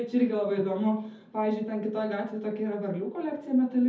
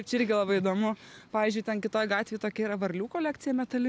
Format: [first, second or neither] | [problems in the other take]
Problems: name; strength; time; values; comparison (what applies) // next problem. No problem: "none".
second | room echo; dies away in 0.5 s